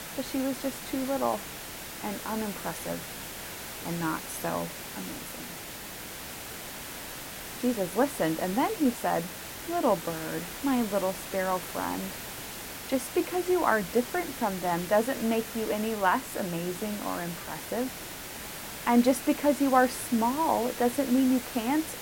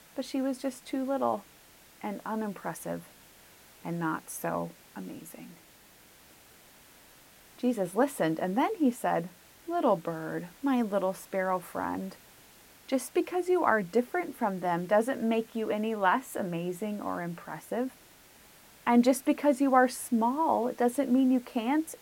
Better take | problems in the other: second | hiss; loud; throughout; 9 dB below the speech; faint in the second

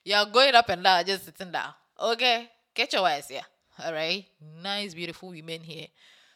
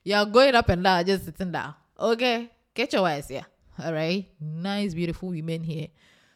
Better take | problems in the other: second | thin; somewhat; fading below 850 Hz

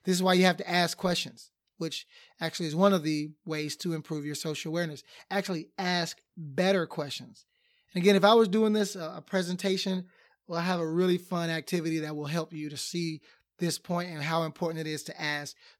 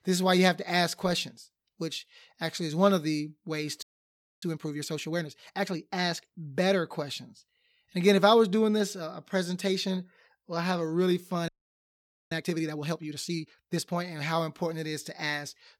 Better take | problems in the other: first | audio freezing; at 4 s for 0.5 s and at 11 s for 1 s

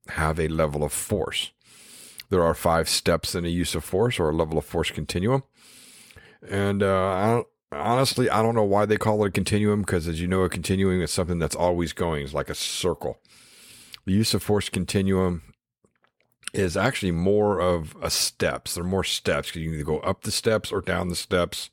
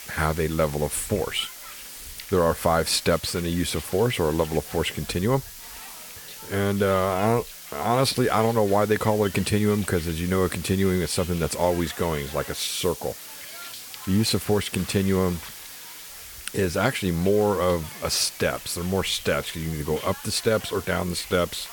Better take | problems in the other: first | hiss; noticeable; throughout; 15 dB below the speech

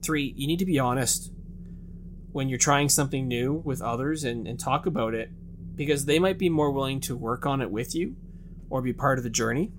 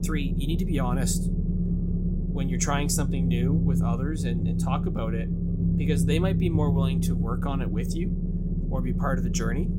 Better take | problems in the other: first | low rumble; loud; throughout; 3 dB below the speech; faint in the first

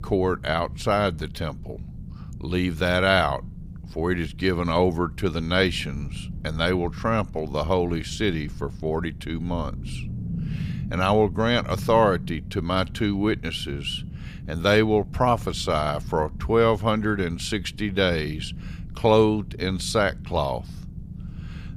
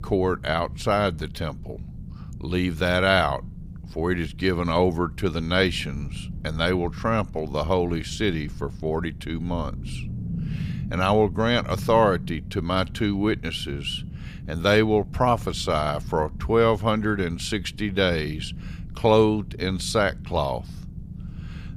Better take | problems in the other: neither | low rumble; faint; throughout; 25 dB below the speech; the same in both

